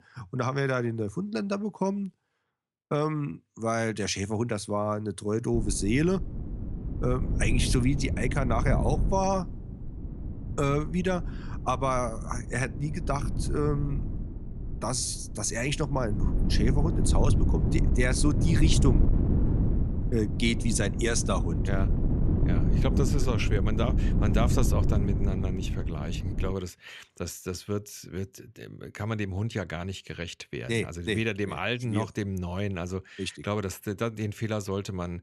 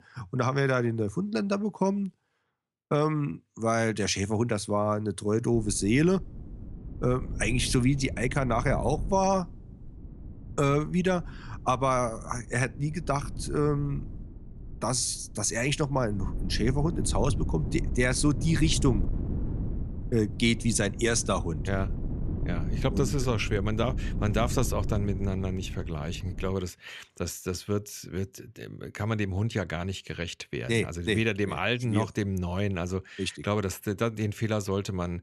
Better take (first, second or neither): second